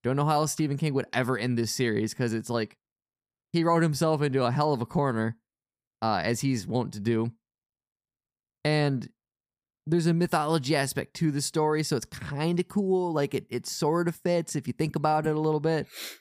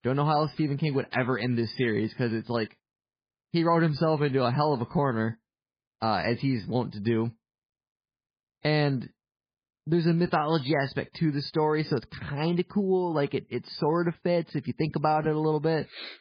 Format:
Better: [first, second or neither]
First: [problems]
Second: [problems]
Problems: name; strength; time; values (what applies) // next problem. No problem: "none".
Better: first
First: none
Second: garbled, watery; badly; nothing above 4.5 kHz